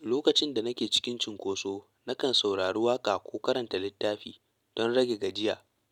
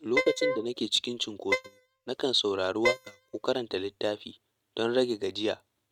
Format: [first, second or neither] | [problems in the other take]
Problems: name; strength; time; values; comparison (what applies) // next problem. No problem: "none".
first | noise reduction (neural mask model RNNoise)